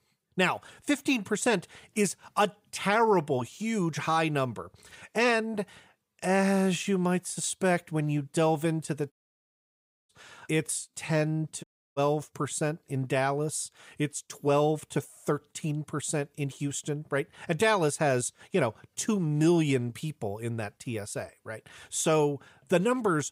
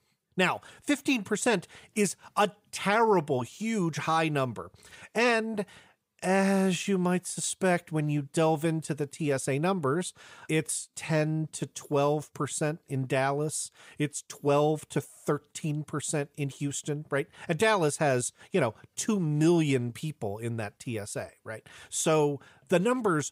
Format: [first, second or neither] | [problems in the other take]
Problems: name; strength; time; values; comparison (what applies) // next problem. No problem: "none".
second | audio cutting out; at 9 s for 1 s and at 12 s